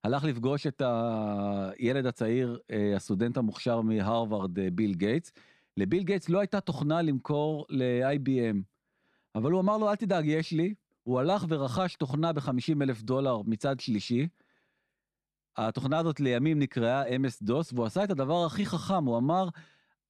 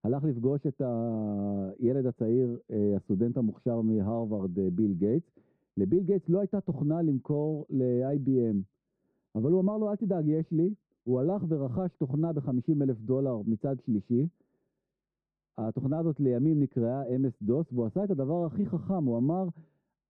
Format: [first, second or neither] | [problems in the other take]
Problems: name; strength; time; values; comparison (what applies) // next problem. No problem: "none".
first | muffled; very; fading above 1.5 kHz